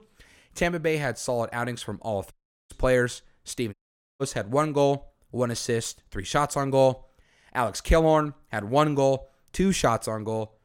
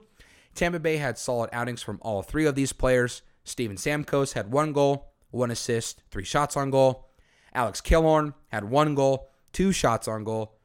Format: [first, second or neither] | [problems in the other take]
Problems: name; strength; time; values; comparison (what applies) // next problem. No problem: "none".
second | audio cutting out; at 2.5 s and at 3.5 s